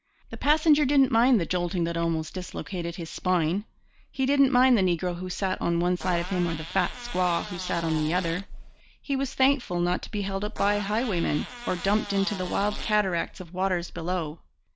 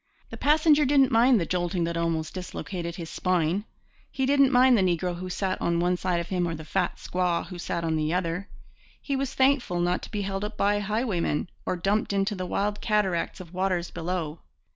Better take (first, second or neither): second